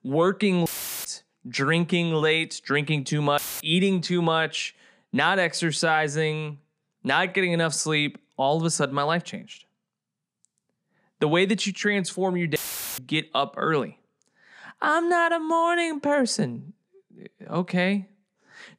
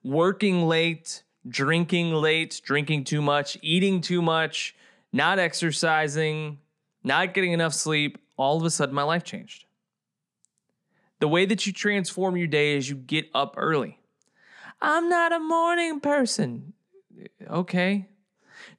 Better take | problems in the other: second | audio cutting out; filled with static; at 0.5 s, at 3.5 s and at 13 s

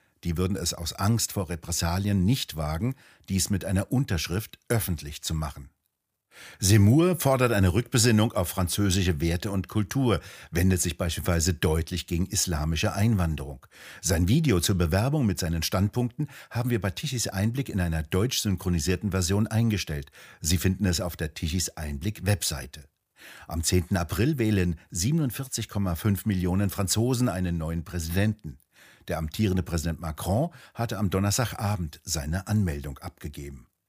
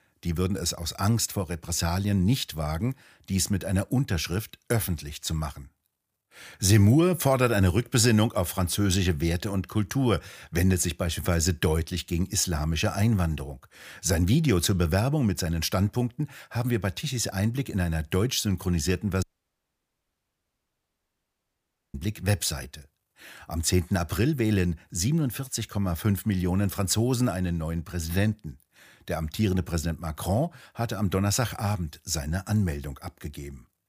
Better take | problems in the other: first | audio cutting out; at 19 s for 2.5 s

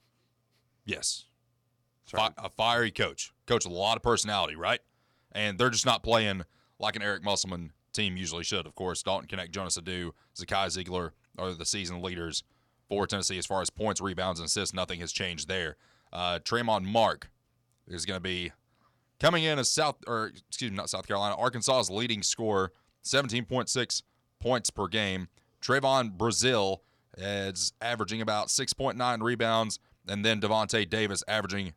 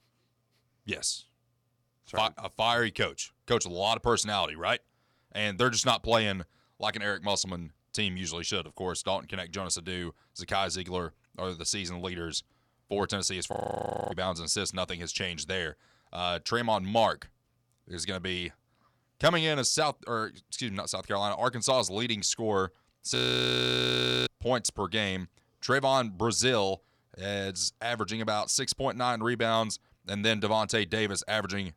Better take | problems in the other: first | audio freezing; at 14 s for 0.5 s and at 23 s for 1 s

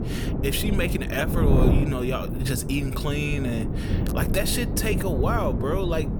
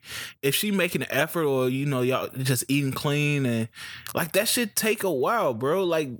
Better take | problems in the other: second | wind noise on the microphone; heavy; 5 dB below the speech

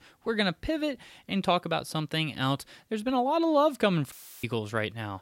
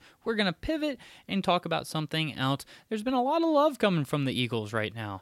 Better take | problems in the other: second | audio cutting out; filled with static; at 4 s

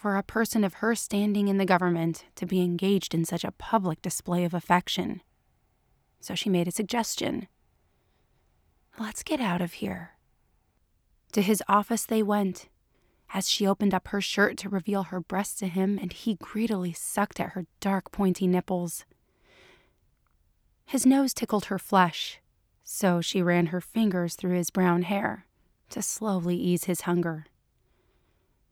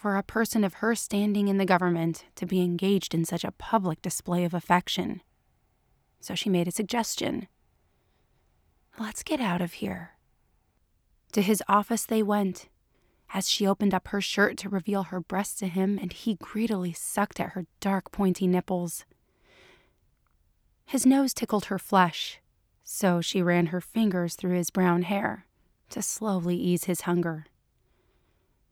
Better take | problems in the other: neither | none

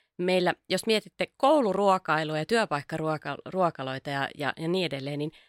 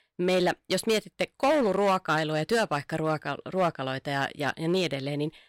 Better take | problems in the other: first | distortion; slight; 5% of the sound clipped

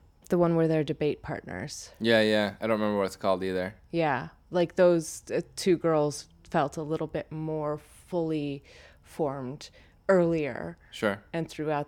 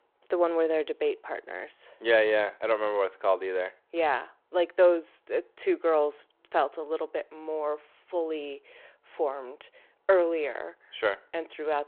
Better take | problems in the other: first | phone-call audio

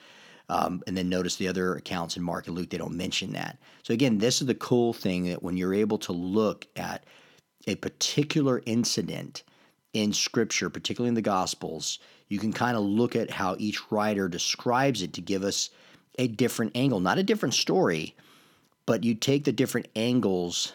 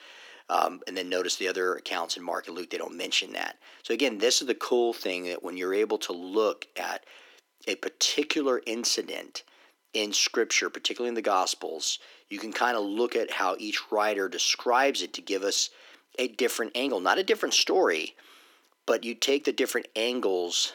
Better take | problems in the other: first | thin; somewhat; fading below 300 Hz

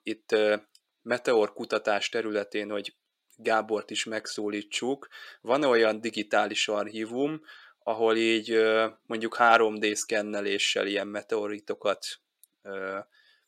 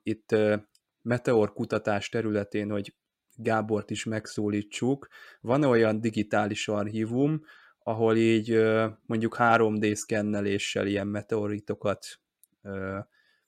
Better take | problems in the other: second | thin; somewhat; fading below 400 Hz

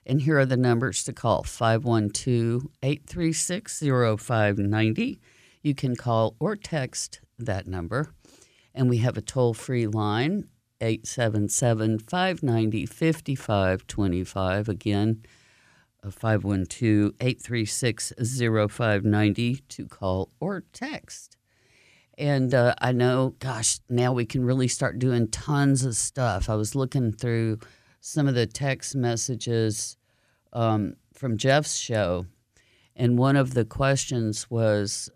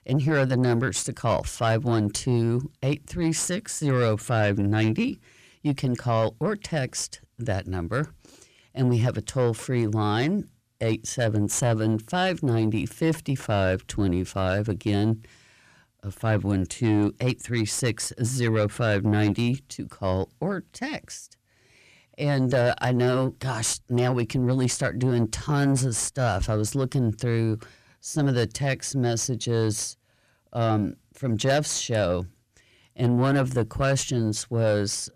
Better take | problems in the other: first | distortion; slight; 10 dB below the speech

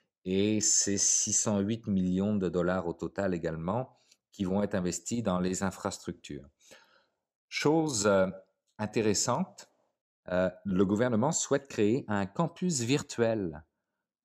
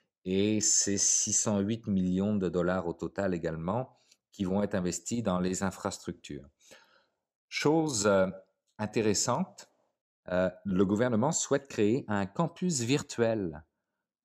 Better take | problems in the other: neither | none

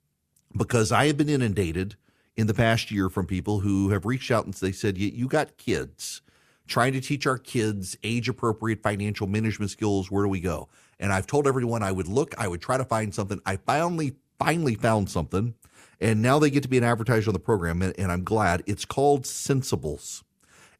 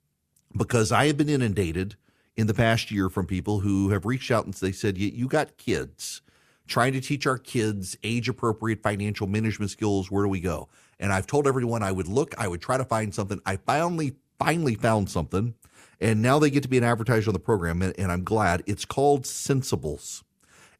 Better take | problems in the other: neither | none

